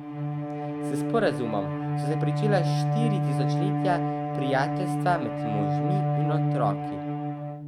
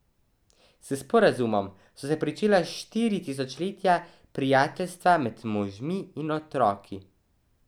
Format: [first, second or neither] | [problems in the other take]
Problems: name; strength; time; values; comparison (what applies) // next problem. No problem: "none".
second | background sound (Bowed string instrument); 4 dB above the speech